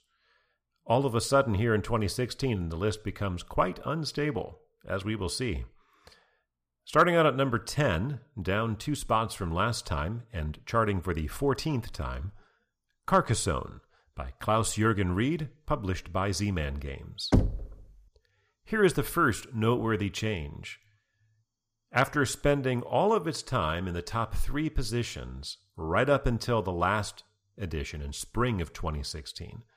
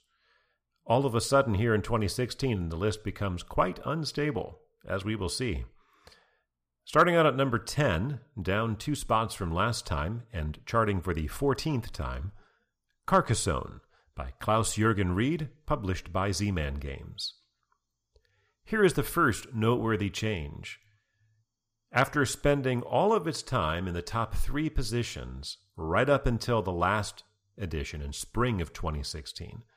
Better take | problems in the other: second | door banging; loud; at 17 s; peak 2 dB above the speech

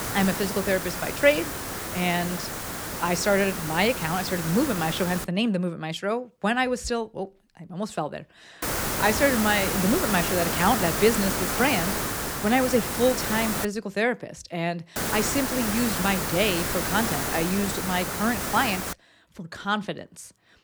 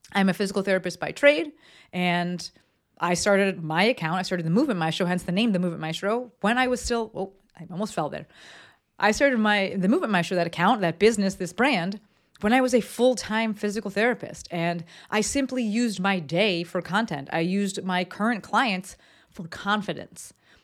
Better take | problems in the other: second | hiss; loud; until 5 s, from 8.5 to 14 s and from 15 to 19 s; 2 dB below the speech

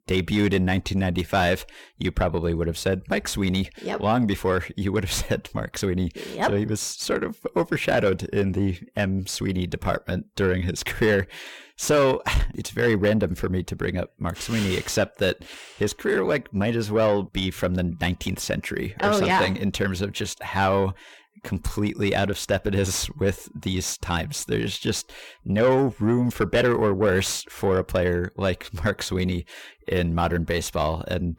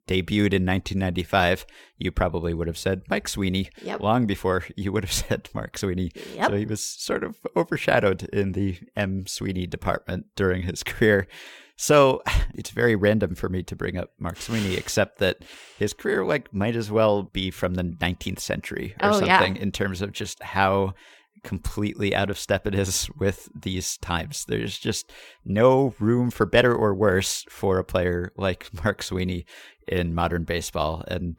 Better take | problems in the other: second | distortion; slight; 10 dB below the speech

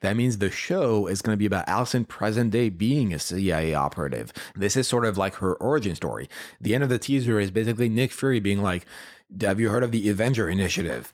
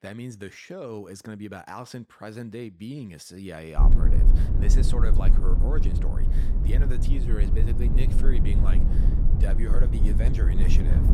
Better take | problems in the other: first | low rumble; loud; from 4 s on; 1 dB below the speech

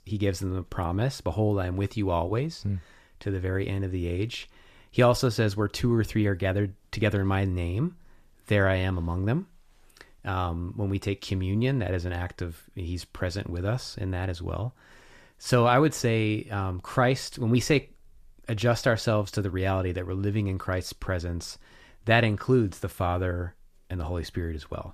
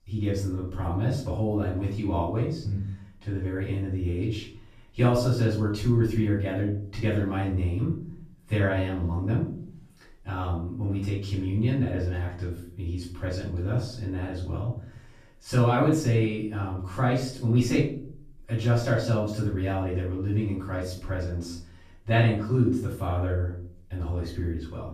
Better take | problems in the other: first | off-mic speech; far // room echo; noticeable; dies away in 0.5 s

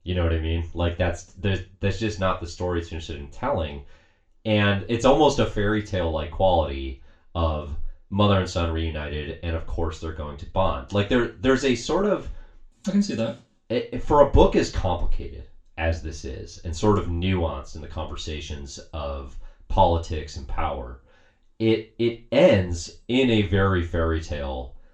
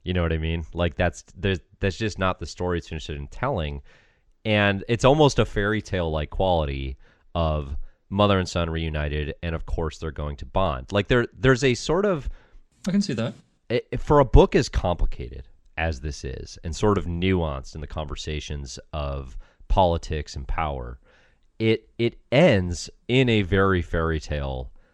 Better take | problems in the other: second | room echo; very slight; dies away in 0.3 s // off-mic speech; far

